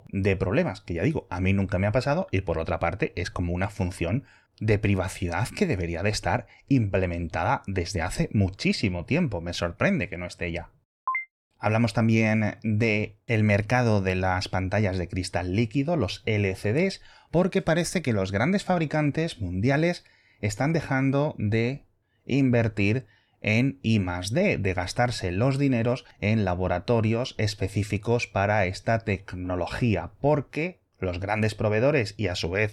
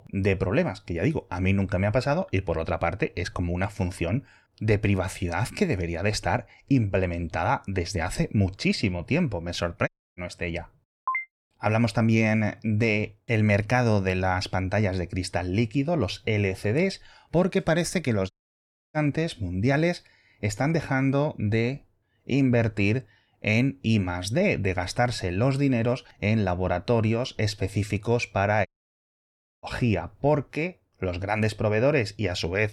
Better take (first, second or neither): first